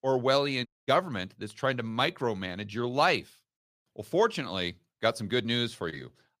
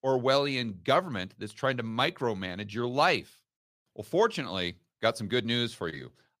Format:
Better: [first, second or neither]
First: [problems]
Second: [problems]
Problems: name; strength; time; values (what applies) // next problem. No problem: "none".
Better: second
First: audio cutting out; at 0.5 s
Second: none